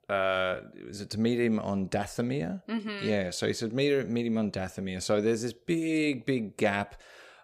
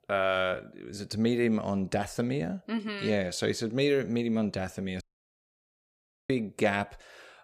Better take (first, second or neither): first